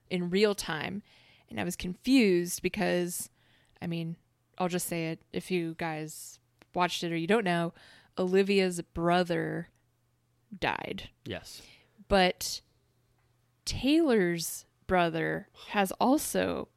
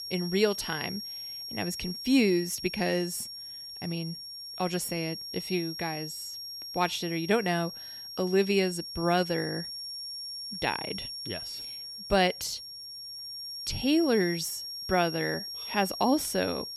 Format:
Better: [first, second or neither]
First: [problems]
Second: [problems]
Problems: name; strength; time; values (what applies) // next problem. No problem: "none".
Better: first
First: none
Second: high-pitched whine; loud; throughout; 5.5 kHz, 7 dB below the speech